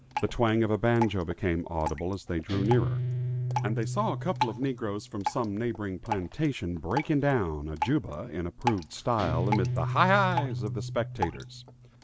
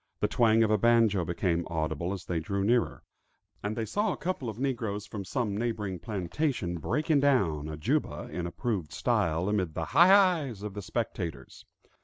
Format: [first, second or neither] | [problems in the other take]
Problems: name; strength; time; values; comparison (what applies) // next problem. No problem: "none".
second | background sound (Guitar + Drip); 4 dB below the speech